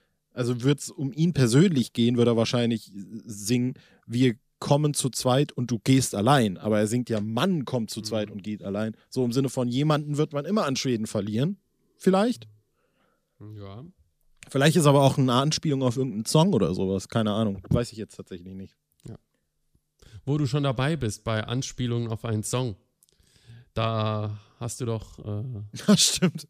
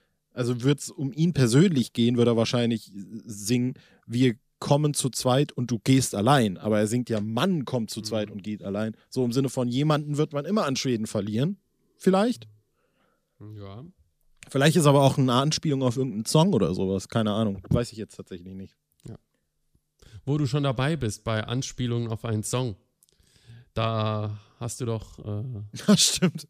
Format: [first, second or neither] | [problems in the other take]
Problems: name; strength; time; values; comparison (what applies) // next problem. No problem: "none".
neither | none